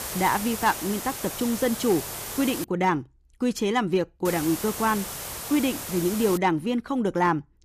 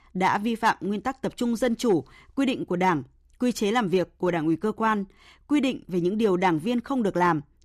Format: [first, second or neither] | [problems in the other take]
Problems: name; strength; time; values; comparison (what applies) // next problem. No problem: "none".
second | hiss; loud; until 2.5 s and from 4.5 to 6.5 s; 7 dB below the speech